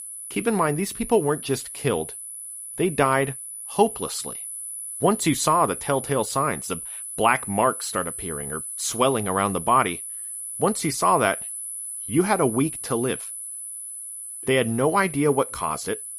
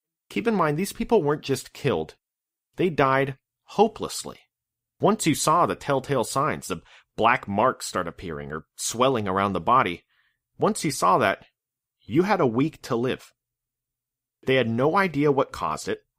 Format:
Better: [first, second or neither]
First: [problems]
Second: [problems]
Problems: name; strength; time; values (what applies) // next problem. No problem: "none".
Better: second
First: high-pitched whine; loud; throughout; 10 kHz, 8 dB below the speech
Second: none